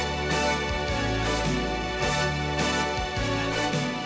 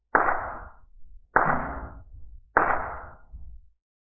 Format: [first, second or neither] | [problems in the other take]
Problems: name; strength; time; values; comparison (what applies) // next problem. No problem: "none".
first | noise reduction (neural mask model Resemble Enhance denoiser)